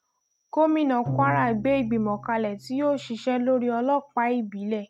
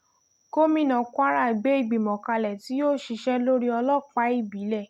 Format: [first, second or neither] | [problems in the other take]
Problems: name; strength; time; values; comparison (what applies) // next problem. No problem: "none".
second | noise reduction (neural mask model RNNoise)